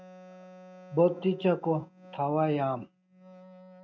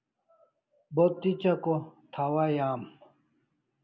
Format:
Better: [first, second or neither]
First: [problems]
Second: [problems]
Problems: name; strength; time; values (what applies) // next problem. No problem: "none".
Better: second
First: noise reduction (neural mask model RNNoise)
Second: none